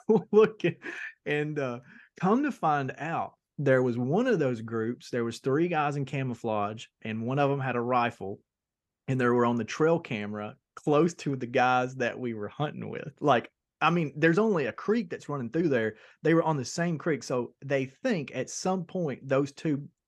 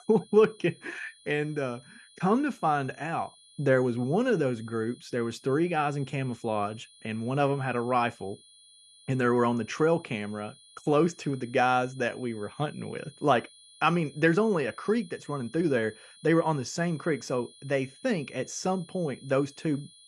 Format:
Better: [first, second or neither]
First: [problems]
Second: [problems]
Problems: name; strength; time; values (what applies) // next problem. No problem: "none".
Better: first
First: none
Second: high-pitched whine; faint; throughout; 3.5 kHz, 25 dB below the speech